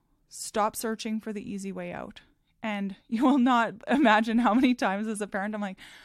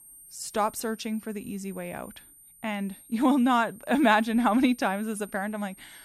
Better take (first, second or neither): first